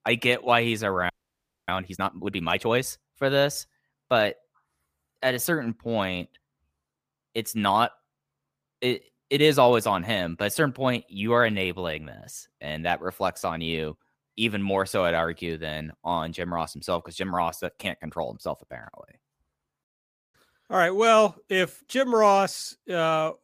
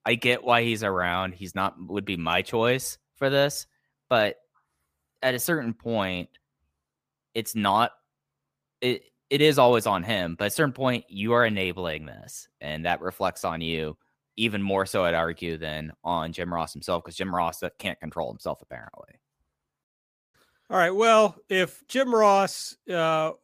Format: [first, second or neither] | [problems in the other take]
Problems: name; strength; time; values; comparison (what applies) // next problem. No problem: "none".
second | audio freezing; at 1 s for 0.5 s